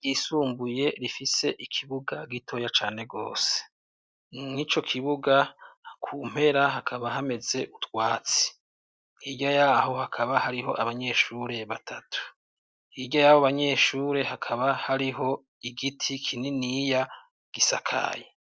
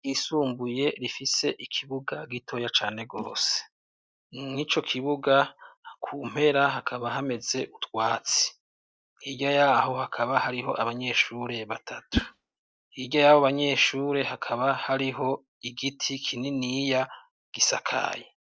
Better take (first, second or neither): first